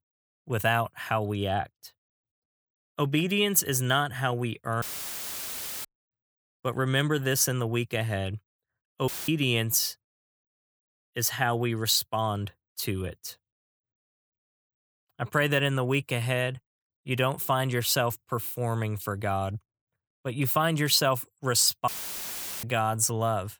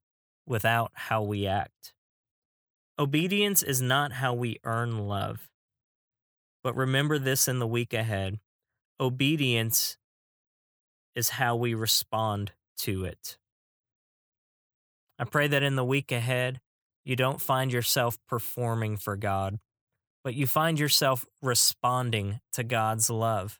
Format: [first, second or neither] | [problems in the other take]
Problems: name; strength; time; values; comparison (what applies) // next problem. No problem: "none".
second | audio cutting out; filled with static; at 5 s for 1 s, at 9 s and at 22 s for 1 s